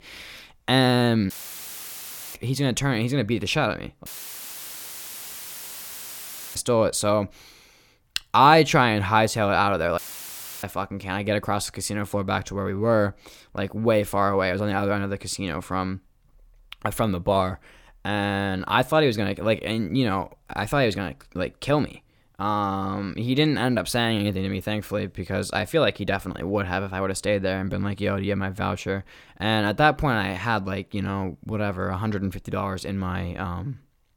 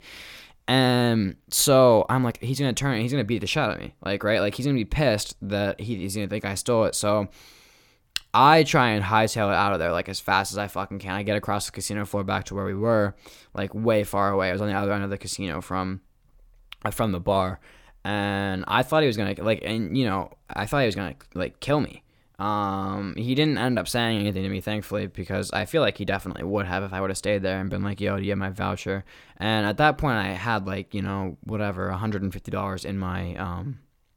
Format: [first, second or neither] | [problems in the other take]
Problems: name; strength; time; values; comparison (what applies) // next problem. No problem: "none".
second | audio cutting out; filled with static; at 1.5 s for 1 s, at 4 s for 2.5 s and at 10 s for 0.5 s